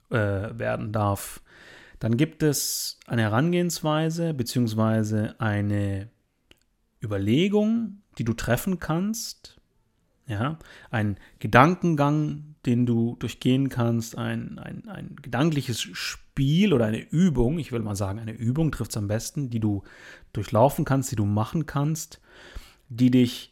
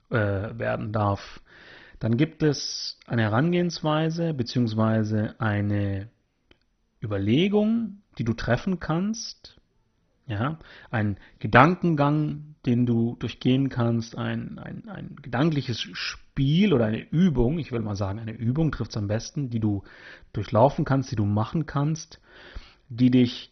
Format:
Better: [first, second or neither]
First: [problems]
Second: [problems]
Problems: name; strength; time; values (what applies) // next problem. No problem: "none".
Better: first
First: none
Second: garbled, watery; badly; nothing above 6 kHz